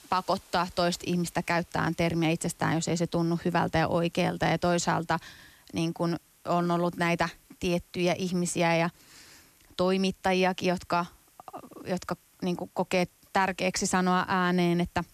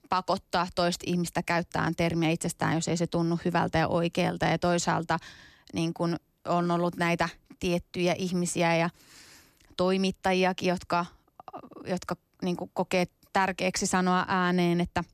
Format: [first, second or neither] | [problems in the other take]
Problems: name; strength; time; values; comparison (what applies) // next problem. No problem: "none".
second | hiss; faint; throughout; 30 dB below the speech